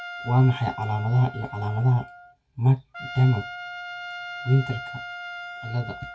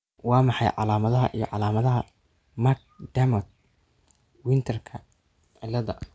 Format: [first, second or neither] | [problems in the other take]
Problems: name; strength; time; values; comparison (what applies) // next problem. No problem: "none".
second | background sound (Trumpet); 13 dB below the speech // room echo; dies away in 0.1 s